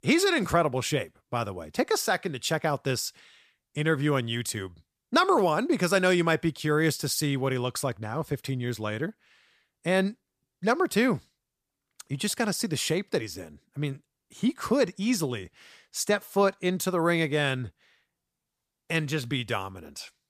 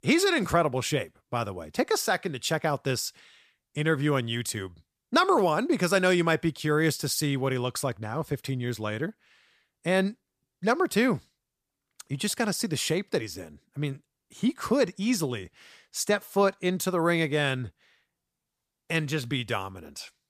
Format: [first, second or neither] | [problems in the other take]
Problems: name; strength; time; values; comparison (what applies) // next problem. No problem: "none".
neither | none